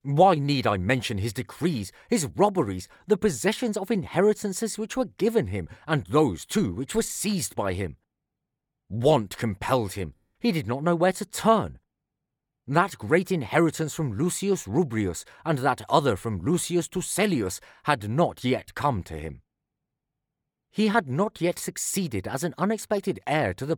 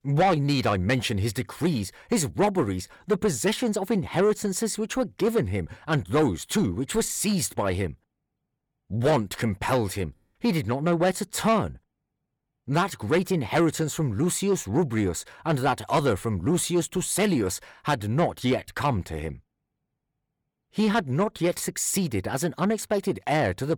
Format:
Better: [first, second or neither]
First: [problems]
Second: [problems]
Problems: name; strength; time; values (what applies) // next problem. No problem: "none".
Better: first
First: none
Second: distortion; slight; 10 dB below the speech